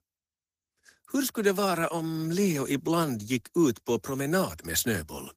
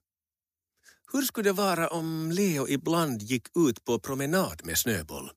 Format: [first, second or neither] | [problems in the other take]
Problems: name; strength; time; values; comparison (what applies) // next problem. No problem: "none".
second | garbled, watery; slightly; nothing above 15 kHz